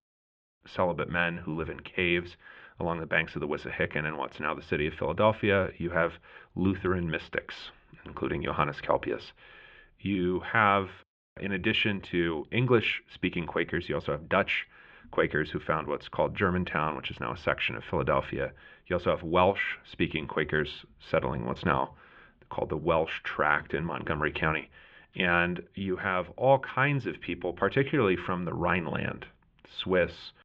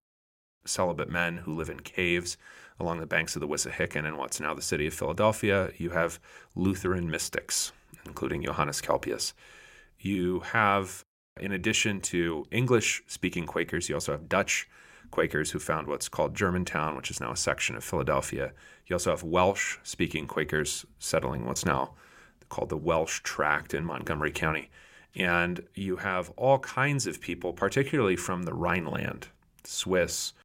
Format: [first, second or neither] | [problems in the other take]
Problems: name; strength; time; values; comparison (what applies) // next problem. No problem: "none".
second | muffled; very; fading above 3.5 kHz